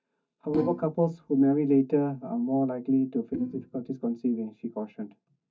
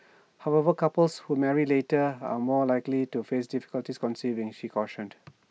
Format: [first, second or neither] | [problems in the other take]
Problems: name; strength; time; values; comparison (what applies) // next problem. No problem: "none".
second | noise reduction (neural mask model DeepFilterNet 3)